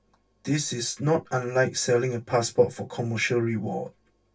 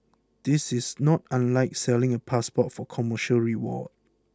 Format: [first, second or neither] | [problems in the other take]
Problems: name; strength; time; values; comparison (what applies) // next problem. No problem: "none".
second | room echo; dies away in 0.1 s